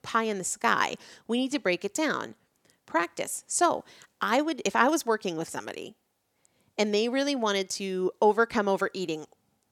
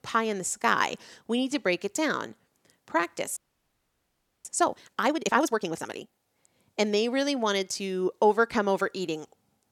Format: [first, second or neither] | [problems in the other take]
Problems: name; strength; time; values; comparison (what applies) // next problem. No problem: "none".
first | audio freezing; at 3.5 s for 1 s